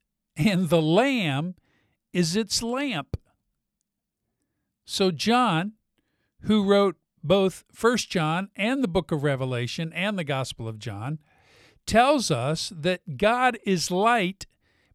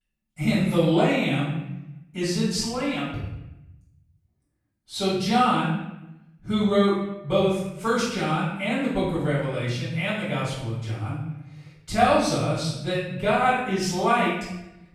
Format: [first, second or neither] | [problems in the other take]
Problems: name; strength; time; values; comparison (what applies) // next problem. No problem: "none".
first | off-mic speech; far // room echo; strong; dies away in 0.8 s